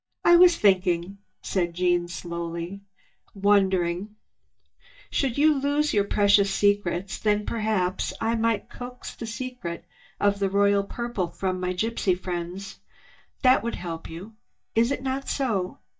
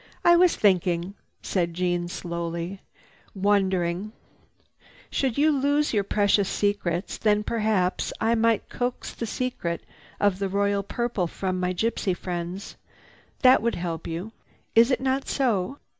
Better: second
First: noise reduction (neural mask model DeepFilterNet 3)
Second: none

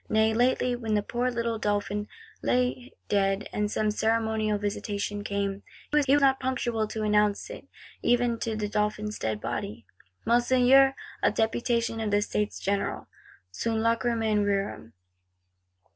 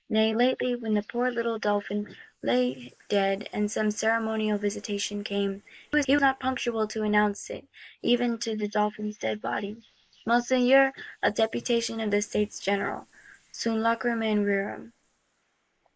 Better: first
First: none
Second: noise reduction (neural mask model Resemble Enhance denoiser)

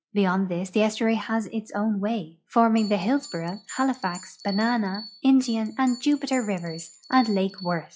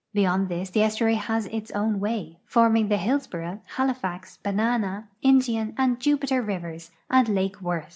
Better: second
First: noise reduction (classical method log-MMSE)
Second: none

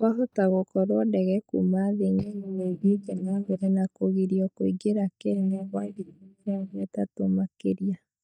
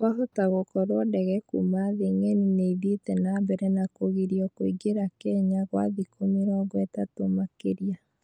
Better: second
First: noise reduction (neural mask model DeepFilterNet 3)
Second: none

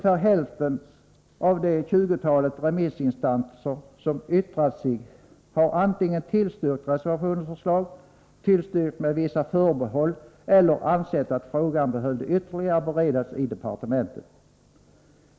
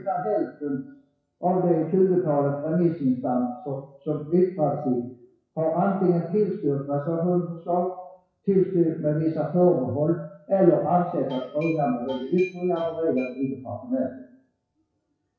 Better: first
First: none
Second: noise reduction (classical method WPE with log-MMSE)

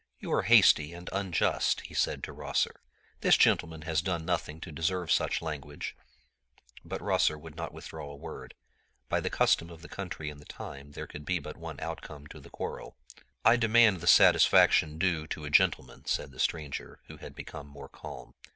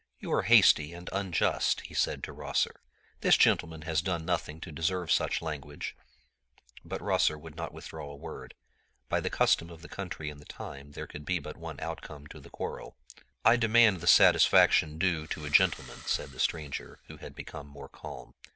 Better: first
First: none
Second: background sound (Engine starting); 18 dB below the speech

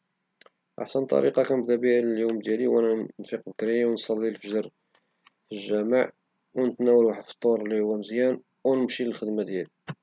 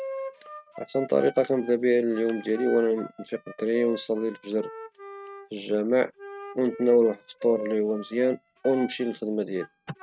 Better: first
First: none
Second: noise reduction (neural mask model RNNoise)

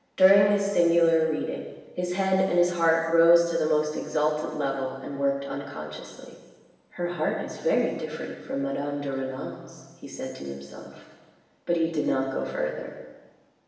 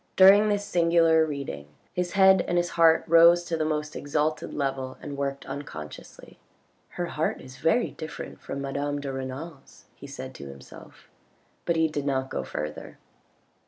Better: second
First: room echo; dies away in 1.3 s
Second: none

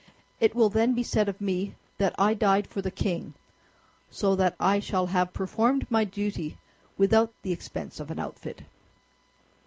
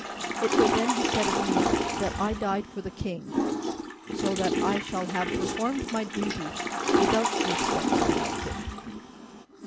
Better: first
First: none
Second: background sound (Toilet flush / Water); 4 dB above the speech

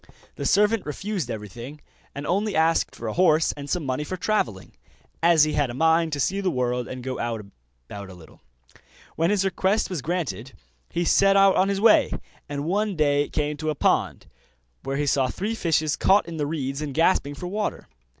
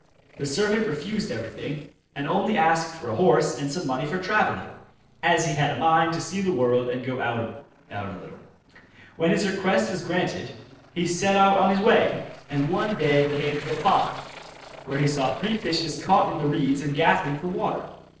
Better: first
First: none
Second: noise reduction (neural separator model SepFormer DNS4)

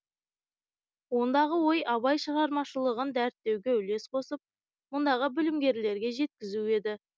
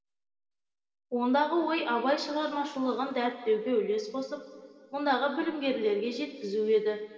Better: first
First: none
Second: room echo; dies away in 2.1 s

